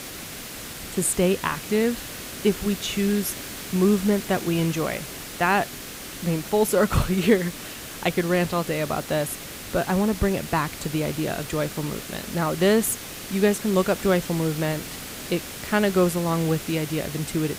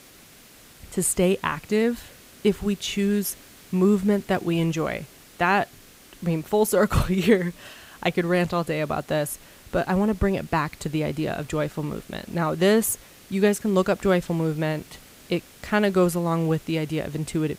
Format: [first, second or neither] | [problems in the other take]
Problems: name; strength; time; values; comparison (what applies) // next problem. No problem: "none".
second | hiss; loud; throughout; 10 dB below the speech; faint in the second